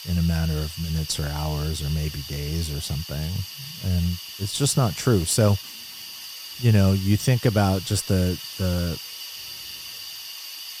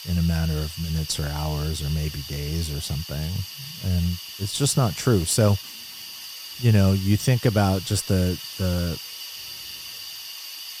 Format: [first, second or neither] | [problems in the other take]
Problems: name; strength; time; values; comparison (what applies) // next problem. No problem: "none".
neither | hiss; noticeable; throughout; 10 dB below the speech; the same in both